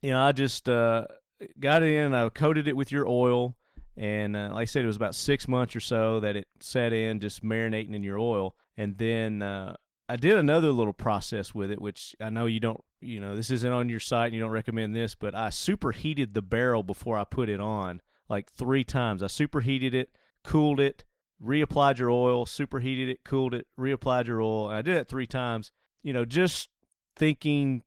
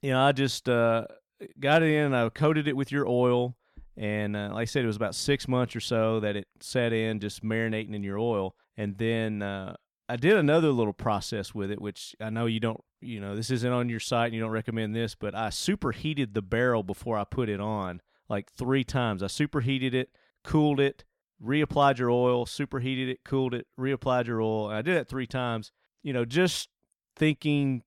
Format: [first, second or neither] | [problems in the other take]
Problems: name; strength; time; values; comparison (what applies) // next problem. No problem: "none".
second | garbled, watery; slightly; nothing above 17.5 kHz